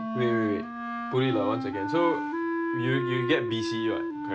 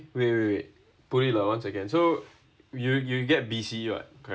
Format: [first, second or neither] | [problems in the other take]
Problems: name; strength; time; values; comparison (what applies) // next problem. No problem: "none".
second | background sound (Wind instrument, woodwind instrument); 1 dB below the speech